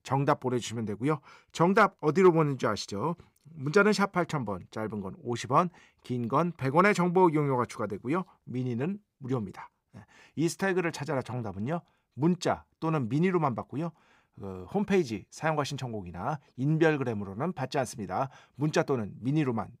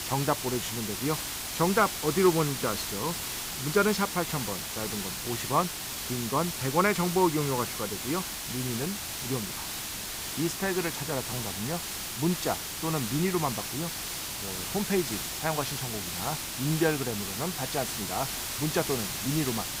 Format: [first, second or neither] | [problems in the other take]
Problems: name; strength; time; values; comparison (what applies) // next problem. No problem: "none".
first | hiss; loud; throughout; 2 dB below the speech